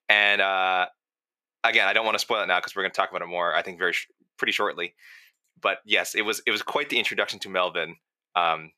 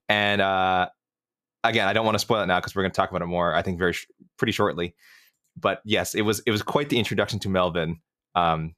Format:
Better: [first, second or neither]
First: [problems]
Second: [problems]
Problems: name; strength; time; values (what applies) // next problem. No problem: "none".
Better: second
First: thin; somewhat; fading below 400 Hz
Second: none